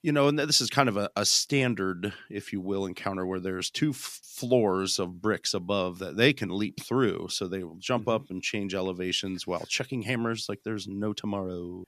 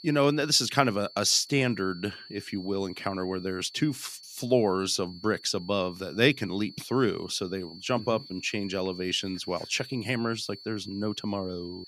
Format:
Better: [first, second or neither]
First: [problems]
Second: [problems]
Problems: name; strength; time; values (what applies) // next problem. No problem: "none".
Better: first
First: none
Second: high-pitched whine; noticeable; throughout; 4.5 kHz, 15 dB below the speech